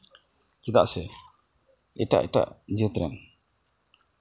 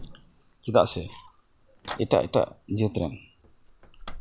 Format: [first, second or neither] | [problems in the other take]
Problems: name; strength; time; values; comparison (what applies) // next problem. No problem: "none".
first | background sound (Microwave oven); 16 dB below the speech